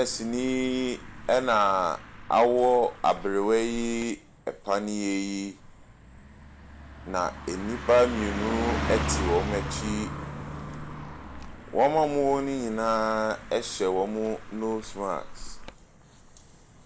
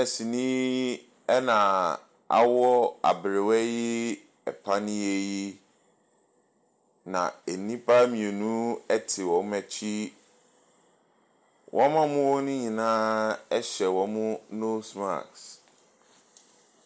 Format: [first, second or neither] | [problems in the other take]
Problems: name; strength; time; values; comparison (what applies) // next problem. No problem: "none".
second | background sound (Car passing by); 9 dB below the speech